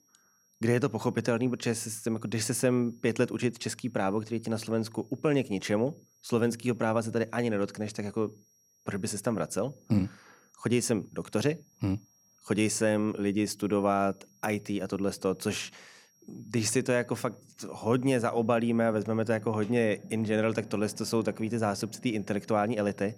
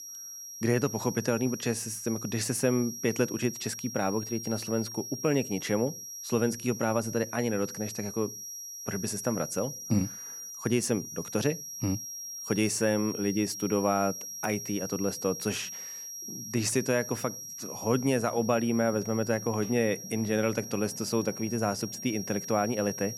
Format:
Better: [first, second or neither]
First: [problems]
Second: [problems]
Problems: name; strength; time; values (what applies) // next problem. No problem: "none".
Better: first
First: high-pitched whine; faint; throughout; 5.5 kHz, 35 dB below the speech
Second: high-pitched whine; loud; throughout; 5.5 kHz, 8 dB below the speech